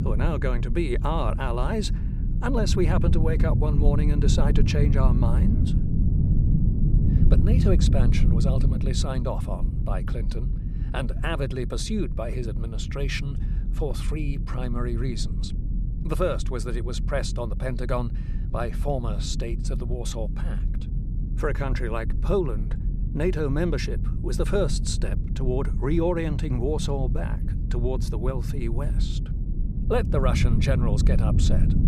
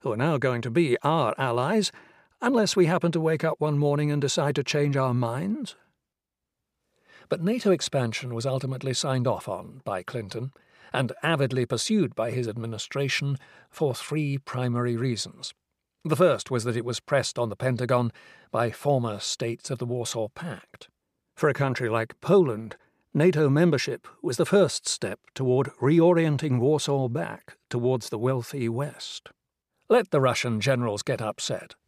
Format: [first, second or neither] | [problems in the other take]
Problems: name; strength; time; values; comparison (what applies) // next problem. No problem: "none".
second | low rumble; loud; throughout; 8 dB below the speech